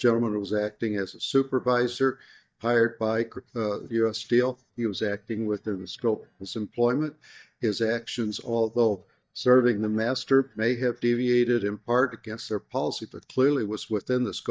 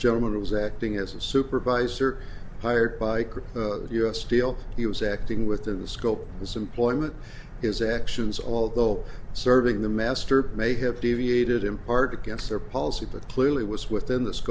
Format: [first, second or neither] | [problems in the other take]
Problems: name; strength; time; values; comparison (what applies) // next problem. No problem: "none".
second | noise reduction (neural mask model DeepFilterNet 3)